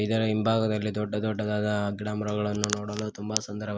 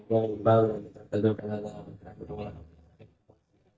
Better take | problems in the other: first | noise reduction (neural mask model DeepFilterNet 3)

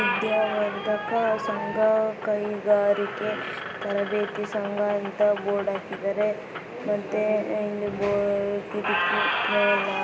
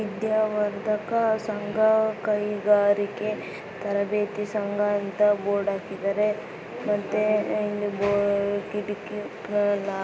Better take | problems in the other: second | background sound (Squeak); 6 dB below the speech

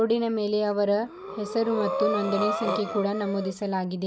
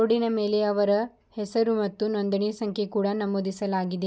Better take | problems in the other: second | background sound (Breathing); 5 dB below the speech

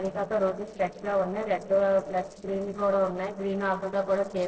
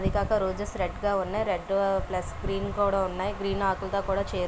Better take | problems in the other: second | noise reduction (neural separator model SepFormer DNS4)

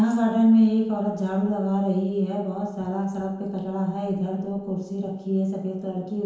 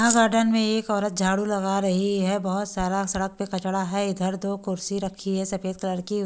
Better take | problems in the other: second | room echo; dies away in 1 s

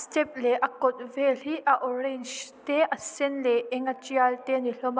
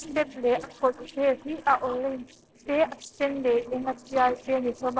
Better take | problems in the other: first | noise reduction (neural separator model SepFormer DNS4)

